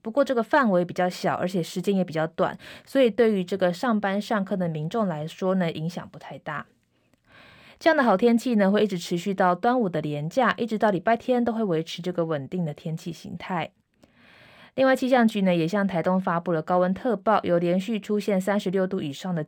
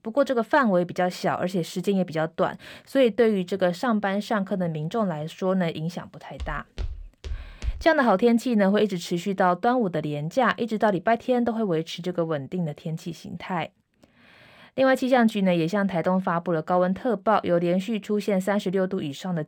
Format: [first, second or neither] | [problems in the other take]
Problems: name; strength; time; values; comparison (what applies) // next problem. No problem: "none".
first | footsteps; faint; from 6.5 to 8 s; peak 10 dB below the speech